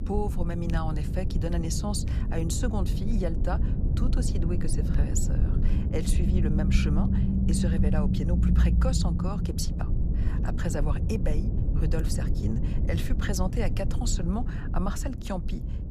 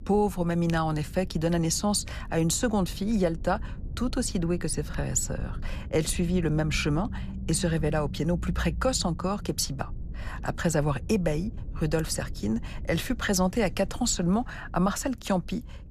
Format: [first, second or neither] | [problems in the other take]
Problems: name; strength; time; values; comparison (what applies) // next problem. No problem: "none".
second | low rumble; loud; throughout; 4 dB below the speech; faint in the second